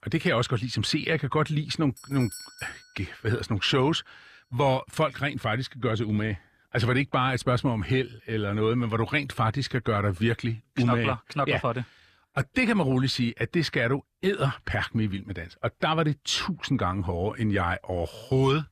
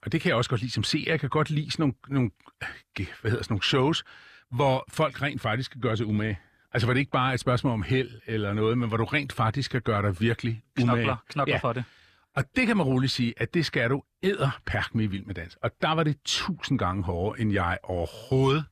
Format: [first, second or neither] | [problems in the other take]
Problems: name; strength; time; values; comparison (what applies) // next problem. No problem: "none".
second | doorbell; faint; from 2 to 3 s; peak 15 dB below the speech